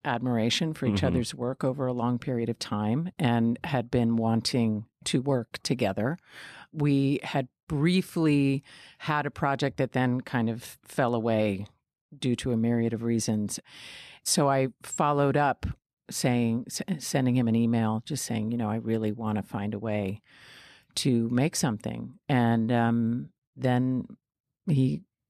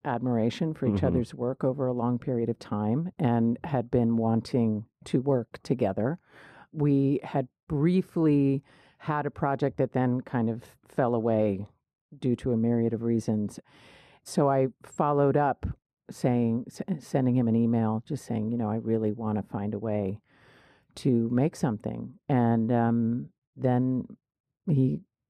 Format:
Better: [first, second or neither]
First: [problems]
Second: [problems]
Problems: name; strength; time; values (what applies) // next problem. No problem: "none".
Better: first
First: none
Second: muffled; slightly; fading above 2 kHz